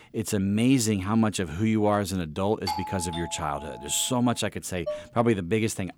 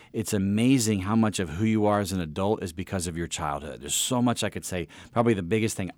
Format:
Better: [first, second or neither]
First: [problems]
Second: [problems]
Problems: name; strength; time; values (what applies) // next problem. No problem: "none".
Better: second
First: doorbell; noticeable; from 2.5 to 4 s; peak 5 dB below the speech // clattering dishes; noticeable; at 5 s; peak 9 dB below the speech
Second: none